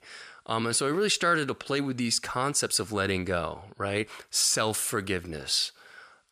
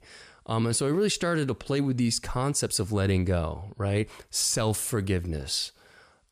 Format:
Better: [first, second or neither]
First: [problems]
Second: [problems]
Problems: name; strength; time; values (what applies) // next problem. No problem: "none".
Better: second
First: thin; somewhat; fading below 650 Hz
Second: none